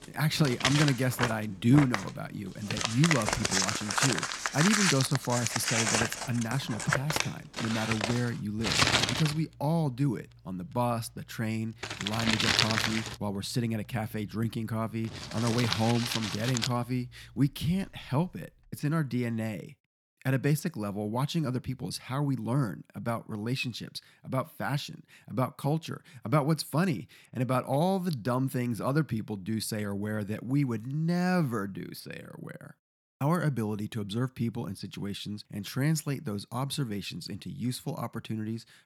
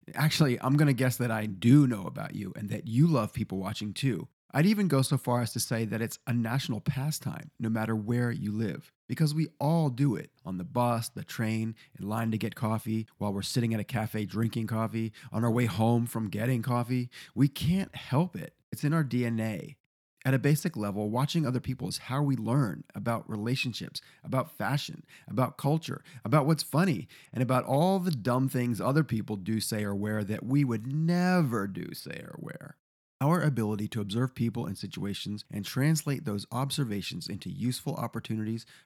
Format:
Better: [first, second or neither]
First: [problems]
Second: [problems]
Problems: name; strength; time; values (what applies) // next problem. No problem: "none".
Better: second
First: household noises; very loud; until 19 s; 1 dB above the speech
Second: none